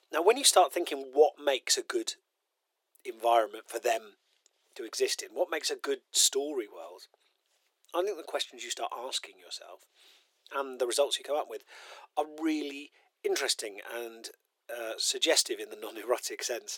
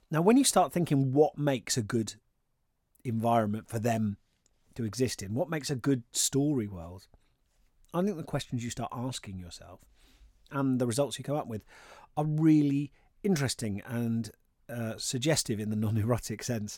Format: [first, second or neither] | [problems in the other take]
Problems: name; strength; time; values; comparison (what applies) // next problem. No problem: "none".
second | thin; very; fading below 350 Hz